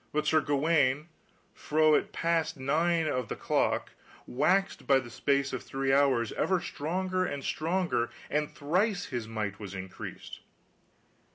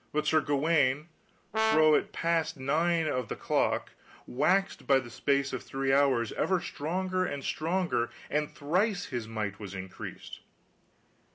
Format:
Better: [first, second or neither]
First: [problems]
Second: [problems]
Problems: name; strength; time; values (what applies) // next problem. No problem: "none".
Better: first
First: none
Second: background sound (Brass instrument); 4 dB below the speech